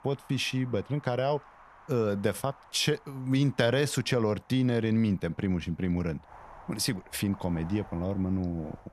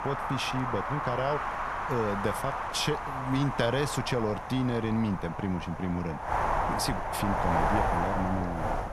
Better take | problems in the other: first | wind noise on the microphone; heavy; 4 dB above the speech; occasional gusts in the first

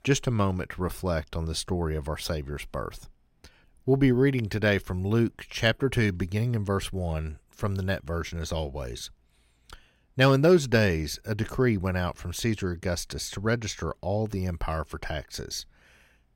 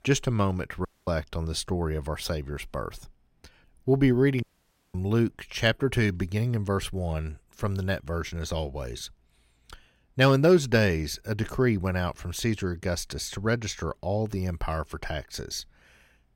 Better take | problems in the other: first | audio cutting out; at 1 s and at 4.5 s for 0.5 s

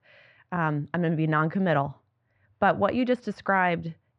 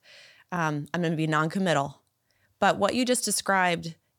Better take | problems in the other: second | muffled; very; fading above 2.5 kHz

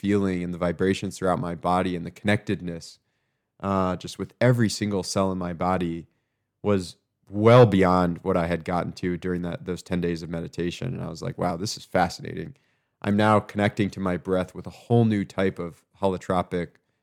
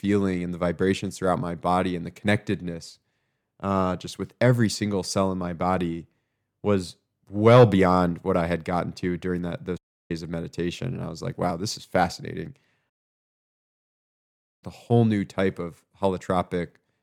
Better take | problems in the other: first | audio cutting out; at 10 s and at 13 s for 1.5 s

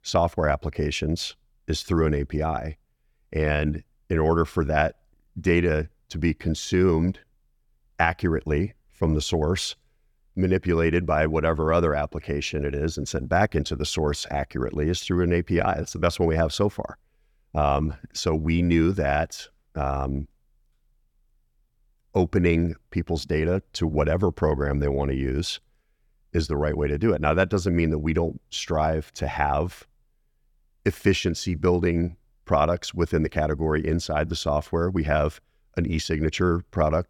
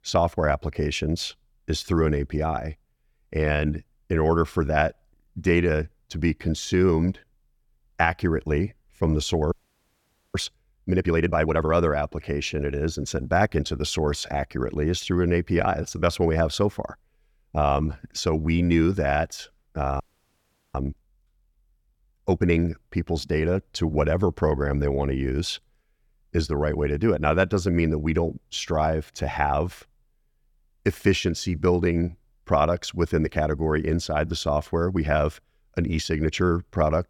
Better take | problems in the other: first | audio freezing; at 9.5 s for 1 s and at 20 s for 0.5 s

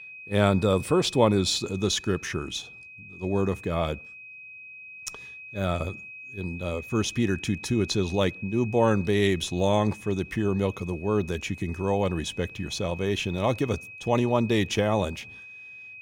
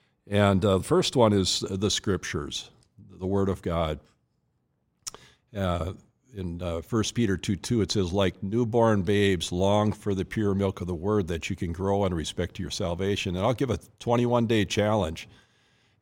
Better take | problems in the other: second | high-pitched whine; noticeable; throughout; 2.5 kHz, 15 dB below the speech

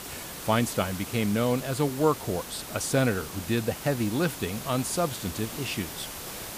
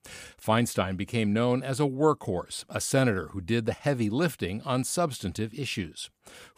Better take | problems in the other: second | hiss; loud; throughout; 9 dB below the speech

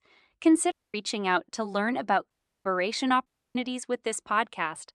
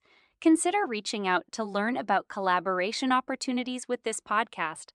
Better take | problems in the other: second | audio cutting out; at 0.5 s, at 2.5 s and at 3.5 s

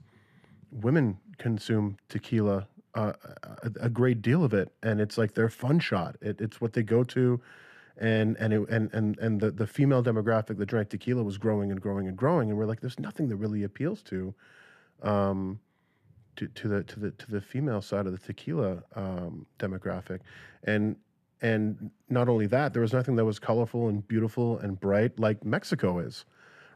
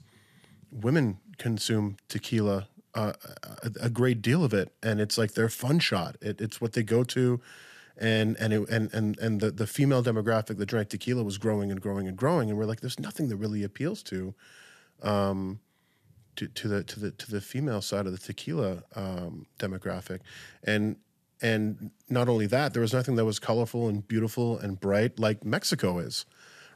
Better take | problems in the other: second | muffled; slightly; fading above 3 kHz

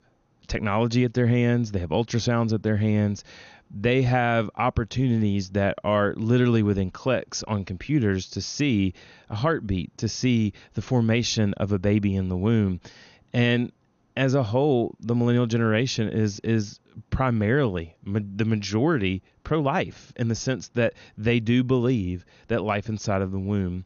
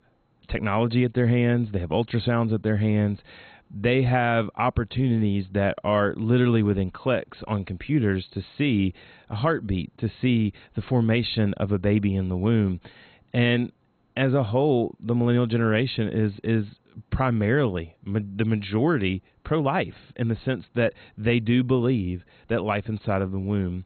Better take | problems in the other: first | garbled, watery; badly; nothing above 4 kHz; slightly in the first

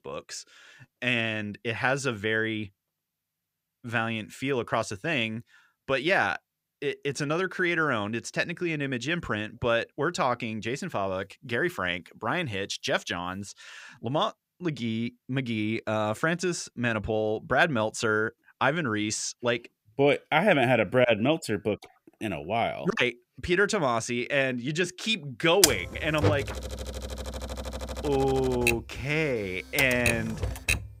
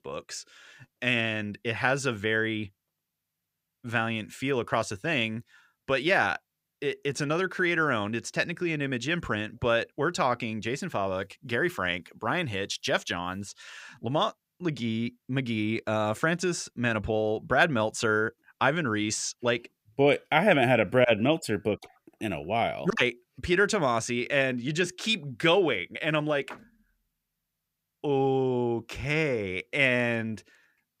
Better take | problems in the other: second | keyboard typing; loud; from 26 s on; peak 5 dB above the speech

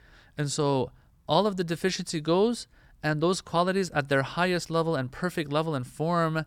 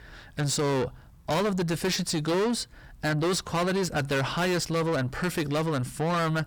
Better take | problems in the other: first | distortion; heavy; 6 dB below the speech

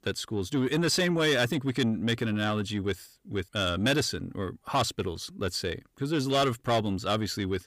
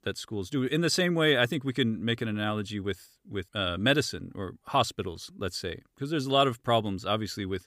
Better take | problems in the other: second | distortion; slight; 10 dB below the speech

